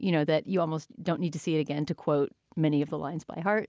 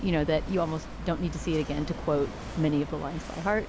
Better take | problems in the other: first | background sound (Walk, footsteps / Waves, surf / Wind); 9 dB below the speech

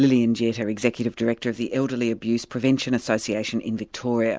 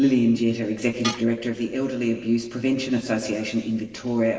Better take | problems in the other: first | background sound (Tools); 17 dB below the speech // room echo; dies away in 1.4 s

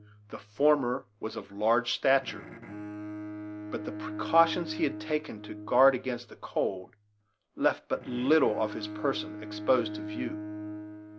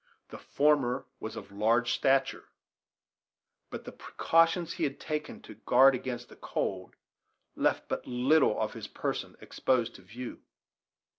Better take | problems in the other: second | background sound (Bowed string instrument); 11 dB below the speech

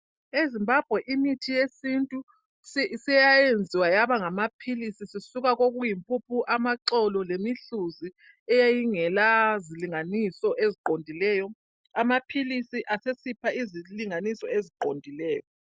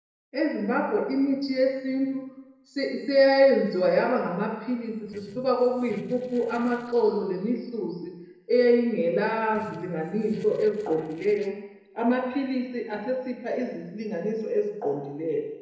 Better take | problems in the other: first | noise reduction (neural separator model SepFormer DNS4)

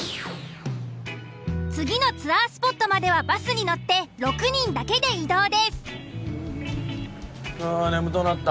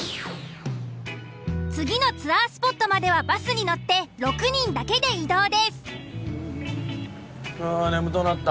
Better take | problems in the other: second | background sound (Bass drum / Snare drum / Drum kit); 17 dB below the speech

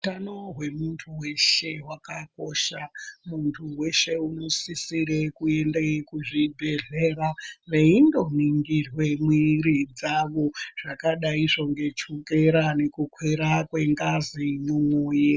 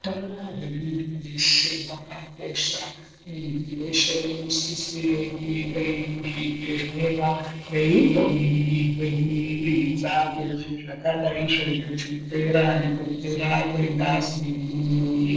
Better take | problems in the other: first | noise reduction (neural separator model SepFormer DNS4)

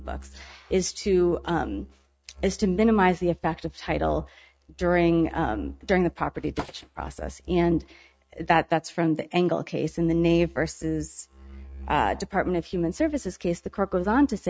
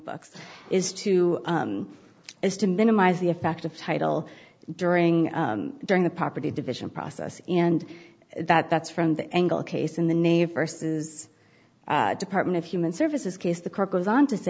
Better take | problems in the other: second | noise reduction (neural mask model RNNoise)

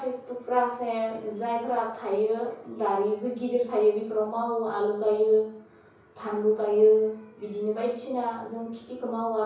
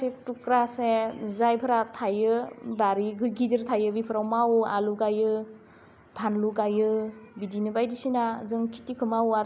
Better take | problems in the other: second | room echo; dies away in 0.6 s

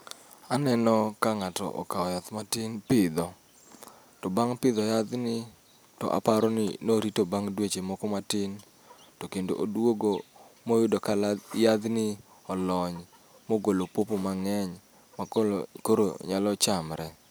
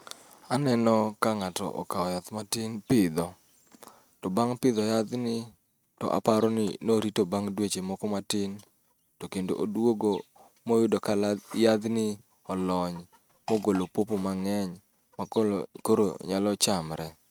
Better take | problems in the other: first | noise reduction (neural mask model RNNoise)

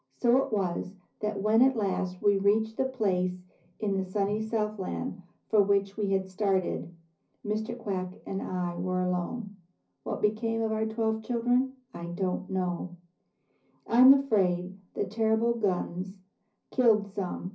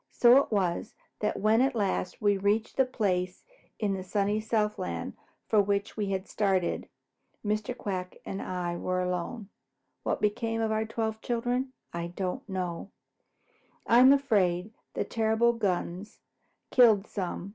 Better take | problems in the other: second | room echo; dies away in 0.5 s

